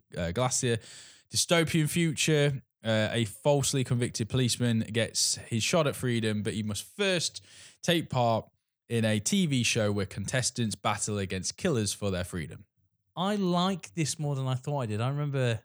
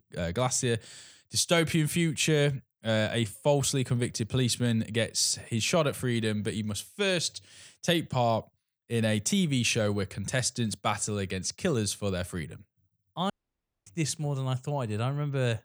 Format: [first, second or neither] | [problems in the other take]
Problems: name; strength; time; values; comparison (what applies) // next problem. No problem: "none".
first | audio cutting out; at 13 s for 0.5 s